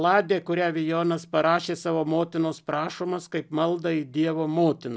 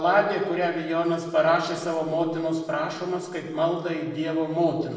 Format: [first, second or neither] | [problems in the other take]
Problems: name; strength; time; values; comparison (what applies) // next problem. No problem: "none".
first | room echo; dies away in 1.1 s